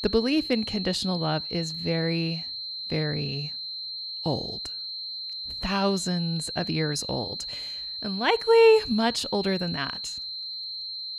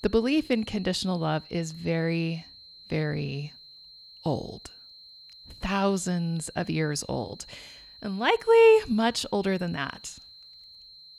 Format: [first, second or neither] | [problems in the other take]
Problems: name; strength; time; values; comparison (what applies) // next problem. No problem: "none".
second | high-pitched whine; loud; throughout; 4 kHz, 6 dB below the speech; faint in the second